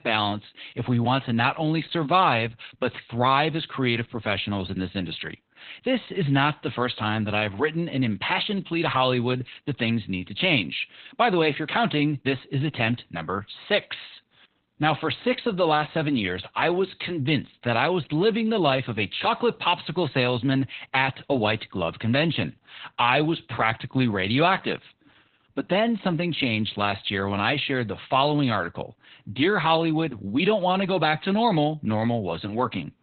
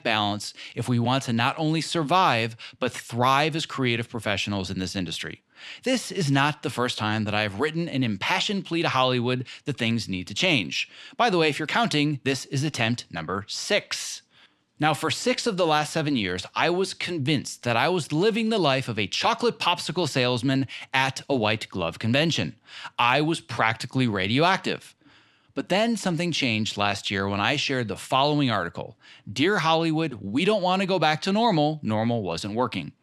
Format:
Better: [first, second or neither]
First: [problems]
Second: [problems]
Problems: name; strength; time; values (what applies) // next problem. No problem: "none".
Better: second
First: garbled, watery; badly; nothing above 4 kHz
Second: none